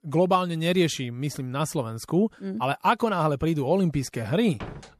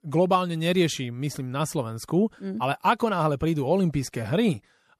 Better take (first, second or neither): second